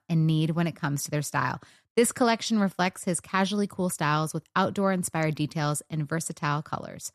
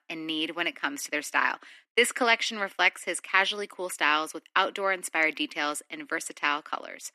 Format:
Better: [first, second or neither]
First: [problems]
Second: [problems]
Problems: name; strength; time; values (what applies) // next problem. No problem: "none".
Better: first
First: none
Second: thin; very; fading below 300 Hz